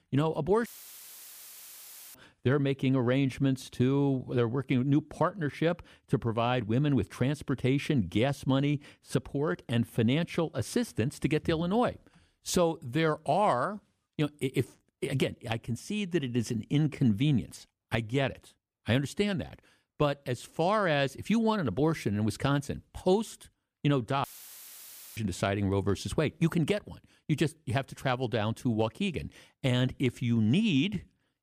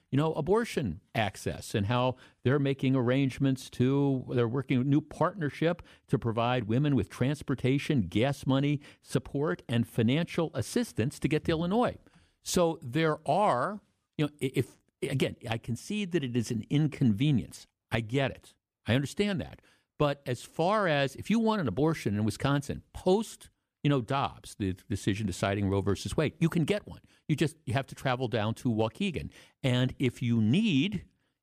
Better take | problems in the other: second | audio cutting out; filled with static; at 0.5 s for 1.5 s and at 24 s for 1 s

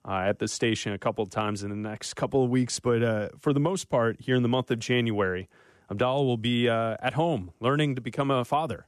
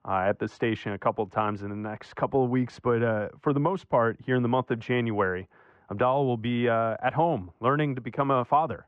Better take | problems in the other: first | muffled; very; fading above 2 kHz

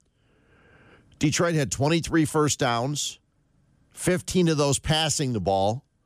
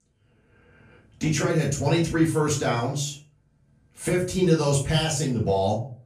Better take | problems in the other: first | off-mic speech; far // room echo; slight; dies away in 0.3 s

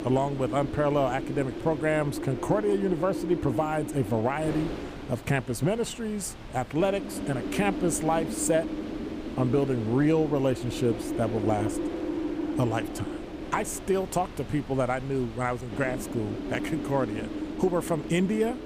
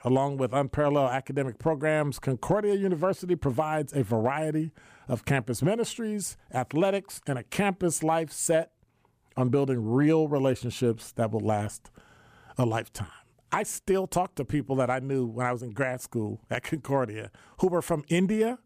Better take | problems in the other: second | wind noise on the microphone; heavy; 8 dB below the speech

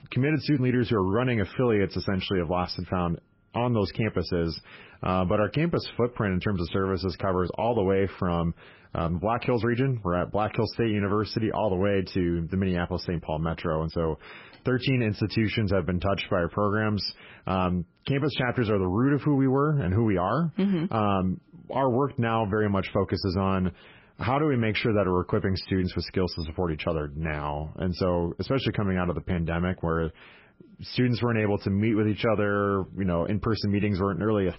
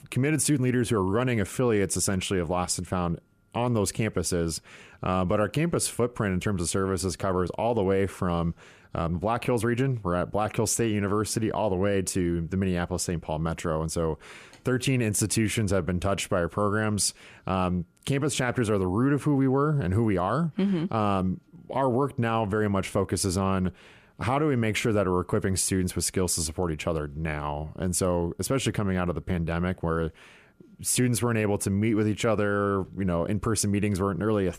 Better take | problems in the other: second | garbled, watery; badly; nothing above 5.5 kHz

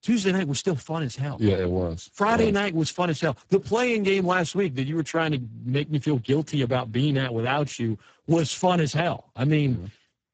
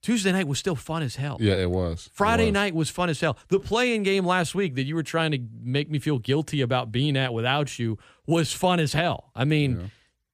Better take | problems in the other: second | garbled, watery; badly; nothing above 8 kHz

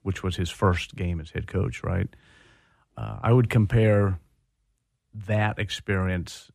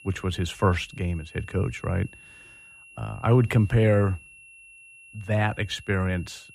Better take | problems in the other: first | high-pitched whine; faint; throughout; 2.5 kHz, 20 dB below the speech

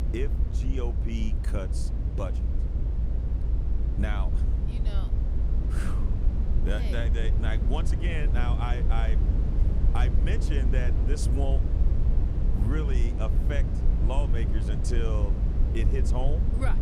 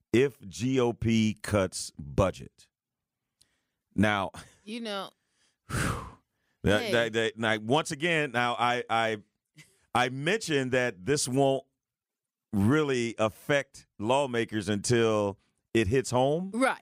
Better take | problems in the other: second | low rumble; loud; throughout; 4 dB below the speech

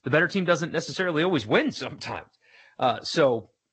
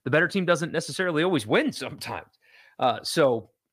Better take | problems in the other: second | garbled, watery; slightly; nothing above 7.5 kHz

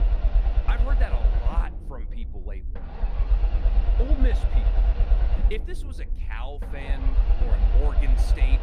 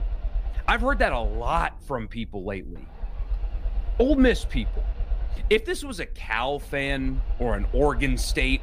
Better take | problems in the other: second | low rumble; loud; throughout; 2 dB below the speech; faint in the second

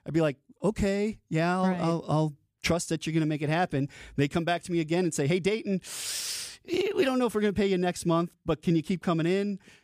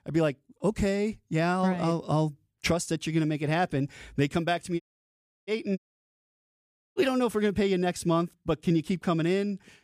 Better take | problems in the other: first | audio cutting out; at 5 s for 0.5 s and at 6 s for 1 s

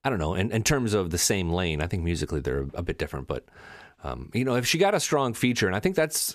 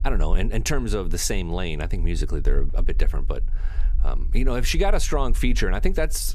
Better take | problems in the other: first | low rumble; faint; throughout; 25 dB below the speech

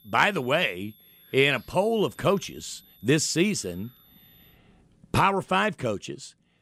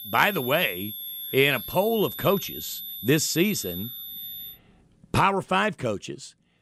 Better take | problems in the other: first | high-pitched whine; loud; until 4.5 s; 12 kHz, 9 dB below the speech; faint in the first

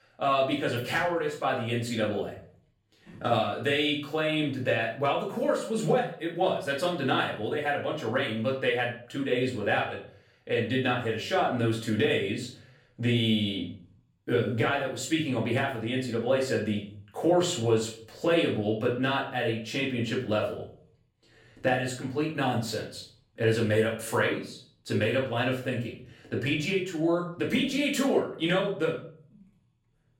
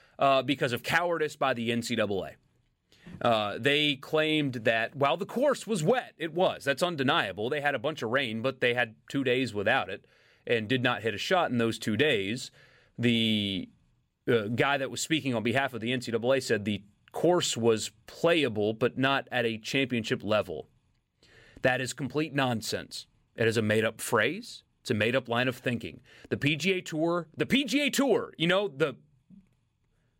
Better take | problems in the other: second | off-mic speech; far // room echo; slight; dies away in 0.4 s

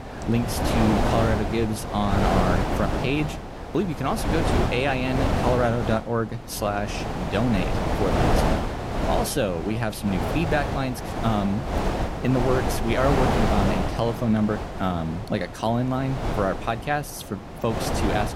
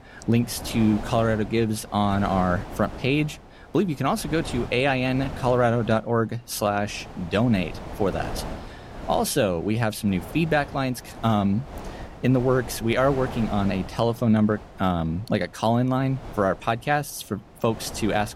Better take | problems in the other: second | wind noise on the microphone; heavy; 1 dB below the speech; occasional gusts in the second

